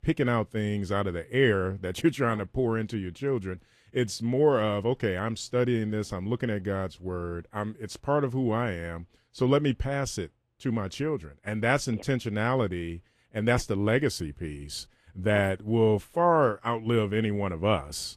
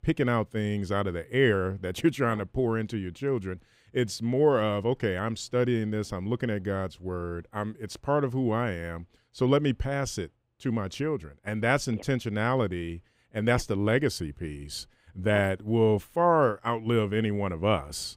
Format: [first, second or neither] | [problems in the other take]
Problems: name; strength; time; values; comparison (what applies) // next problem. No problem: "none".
second | garbled, watery; slightly; nothing above 13 kHz